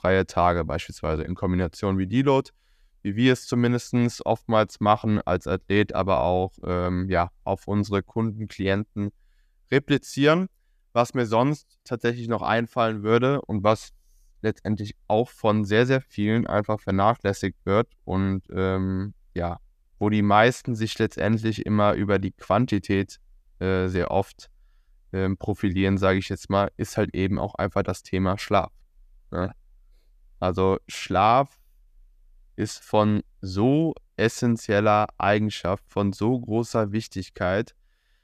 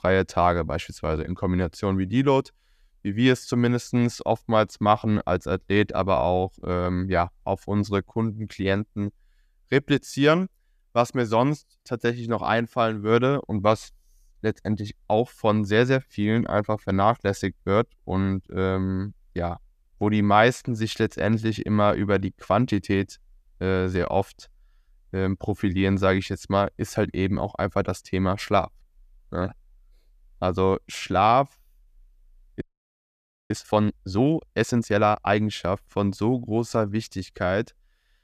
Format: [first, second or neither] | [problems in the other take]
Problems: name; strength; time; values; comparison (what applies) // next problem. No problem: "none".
first | audio freezing; at 33 s for 1 s